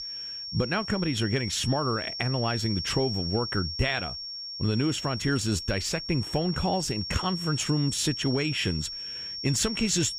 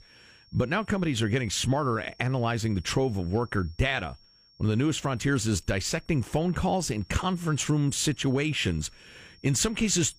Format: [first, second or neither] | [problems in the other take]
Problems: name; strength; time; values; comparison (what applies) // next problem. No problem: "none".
second | high-pitched whine; loud; throughout; 5.5 kHz, 5 dB below the speech; faint in the second